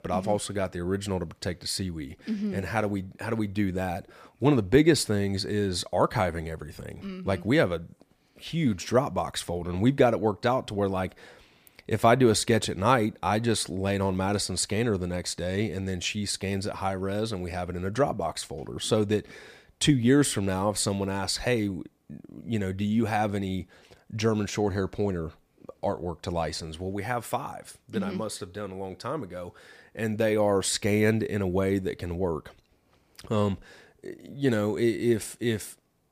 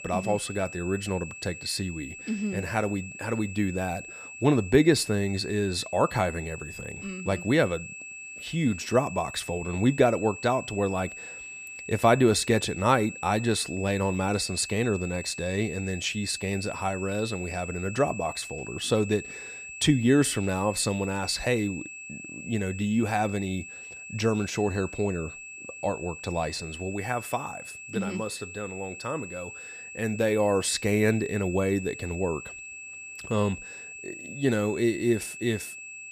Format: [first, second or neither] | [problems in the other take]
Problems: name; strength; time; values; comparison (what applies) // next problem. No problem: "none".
first | high-pitched whine; noticeable; throughout; 2.5 kHz, 10 dB below the speech